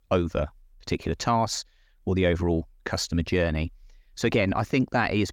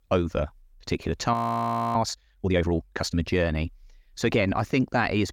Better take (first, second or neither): first